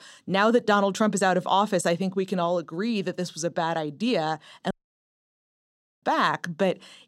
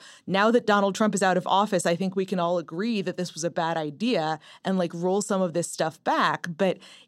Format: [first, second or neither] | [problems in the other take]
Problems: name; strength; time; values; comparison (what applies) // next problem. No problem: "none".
second | audio cutting out; at 4.5 s for 1.5 s